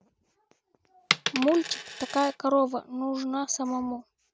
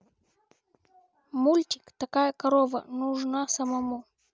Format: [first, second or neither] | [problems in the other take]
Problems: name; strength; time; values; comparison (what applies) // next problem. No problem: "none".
second | background sound (Coin (dropping)); 8 dB below the speech